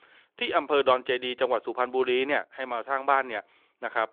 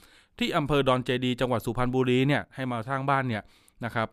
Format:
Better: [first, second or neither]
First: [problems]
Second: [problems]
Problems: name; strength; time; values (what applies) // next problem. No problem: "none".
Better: second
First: phone-call audio; nothing above 3.5 kHz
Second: none